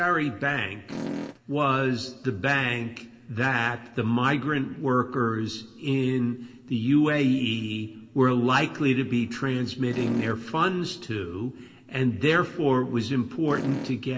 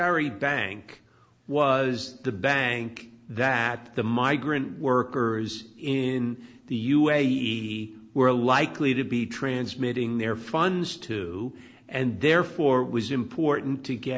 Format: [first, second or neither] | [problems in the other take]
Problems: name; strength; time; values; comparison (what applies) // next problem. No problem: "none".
second | background sound (Fart); 7 dB below the speech // room echo; dies away in 1.3 s